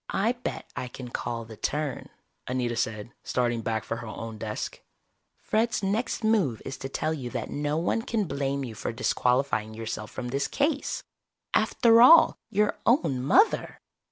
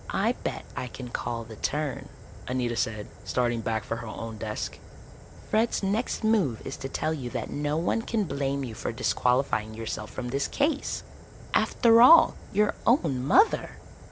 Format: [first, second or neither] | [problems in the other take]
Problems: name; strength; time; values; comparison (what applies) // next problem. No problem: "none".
first | background sound (Fire); 17 dB below the speech